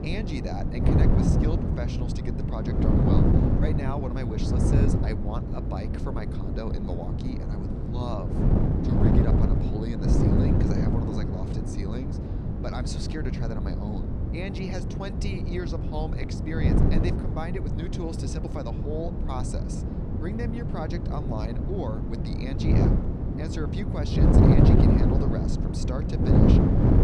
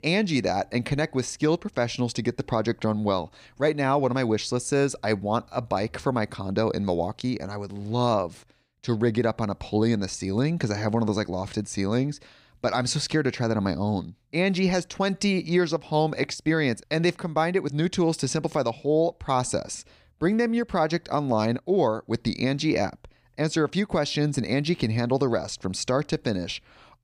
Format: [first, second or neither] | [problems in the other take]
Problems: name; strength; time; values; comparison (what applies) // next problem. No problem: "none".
second | wind noise on the microphone; heavy; 4 dB above the speech